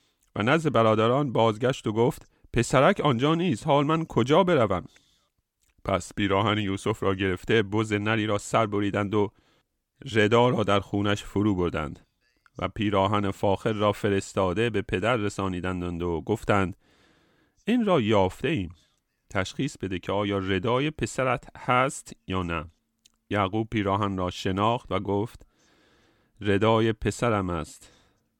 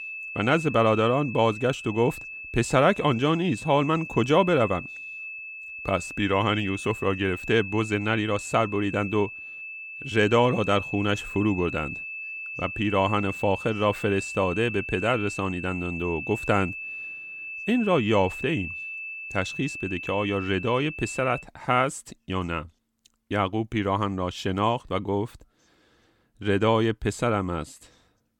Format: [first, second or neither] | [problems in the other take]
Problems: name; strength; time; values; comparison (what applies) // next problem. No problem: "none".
first | high-pitched whine; loud; until 21 s; 2.5 kHz, 9 dB below the speech